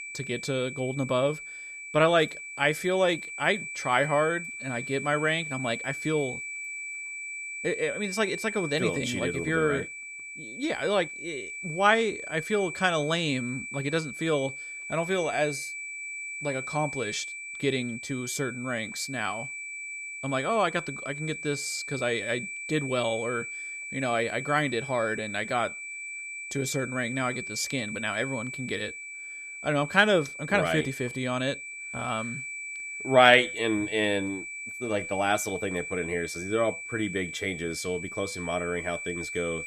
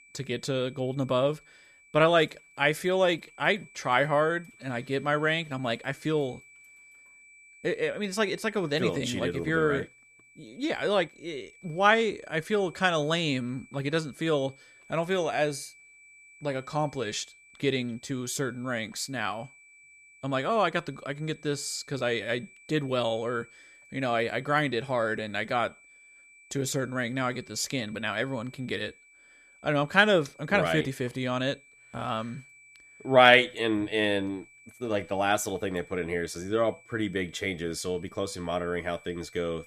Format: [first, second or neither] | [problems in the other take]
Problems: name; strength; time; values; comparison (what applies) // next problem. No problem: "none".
second | high-pitched whine; loud; throughout; 2.5 kHz, 8 dB below the speech; faint in the second